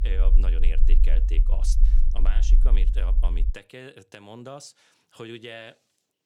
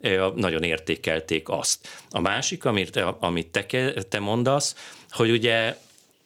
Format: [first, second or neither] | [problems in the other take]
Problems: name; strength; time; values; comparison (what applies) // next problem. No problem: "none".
second | low rumble; loud; until 3.5 s; 8 dB below the speech